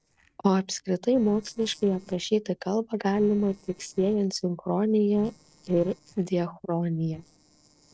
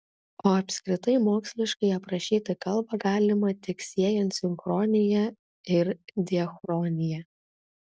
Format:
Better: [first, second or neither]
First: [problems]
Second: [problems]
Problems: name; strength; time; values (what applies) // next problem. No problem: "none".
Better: second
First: noise reduction (neural separator model SepFormer DNS4)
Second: none